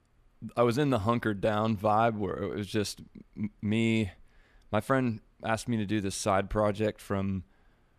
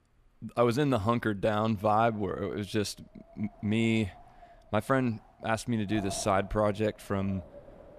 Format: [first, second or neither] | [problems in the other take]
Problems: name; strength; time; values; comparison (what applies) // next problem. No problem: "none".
first | wind noise on the microphone; occasional gusts; from 2 s on; 20 dB below the speech